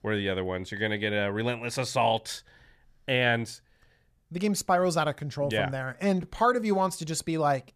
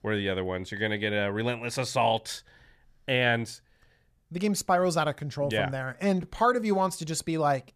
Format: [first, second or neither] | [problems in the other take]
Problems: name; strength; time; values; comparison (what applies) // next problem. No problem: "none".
neither | none